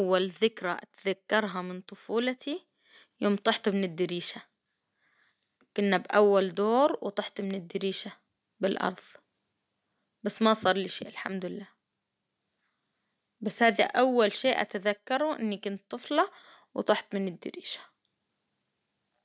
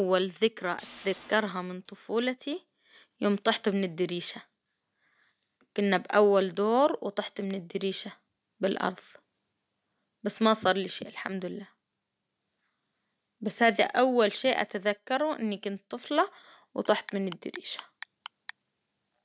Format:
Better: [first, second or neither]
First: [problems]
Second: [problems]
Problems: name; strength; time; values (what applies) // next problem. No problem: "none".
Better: first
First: none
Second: background sound (Tools + Clock); 19 dB below the speech